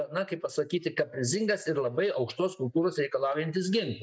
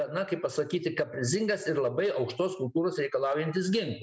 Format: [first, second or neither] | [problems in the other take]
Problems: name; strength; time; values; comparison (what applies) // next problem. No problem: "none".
second | noise reduction (neural mask model DeepFilterNet 3)